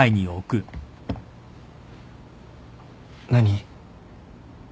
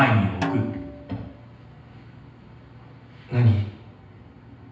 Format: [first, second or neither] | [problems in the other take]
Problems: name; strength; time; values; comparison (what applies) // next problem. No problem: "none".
first | background sound (Snare drum); 9 dB below the speech // room echo; dies away in 0.9 s